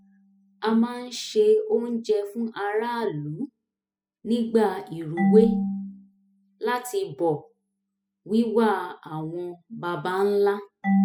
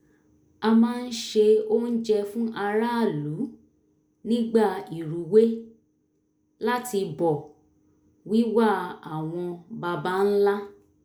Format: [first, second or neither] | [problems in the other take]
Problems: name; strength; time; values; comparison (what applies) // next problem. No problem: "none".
second | noise reduction (classical method spectral subtraction)